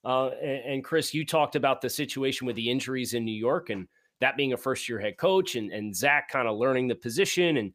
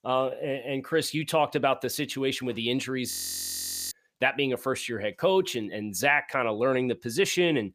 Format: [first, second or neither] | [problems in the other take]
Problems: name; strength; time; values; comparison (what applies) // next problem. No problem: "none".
first | audio freezing; at 3 s for 1 s